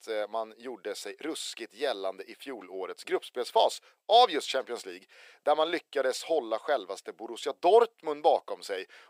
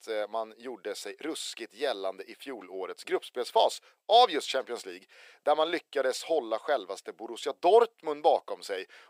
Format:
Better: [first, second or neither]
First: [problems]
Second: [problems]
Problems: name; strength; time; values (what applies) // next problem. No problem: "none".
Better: neither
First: thin; very; fading below 400 Hz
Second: thin; very; fading below 400 Hz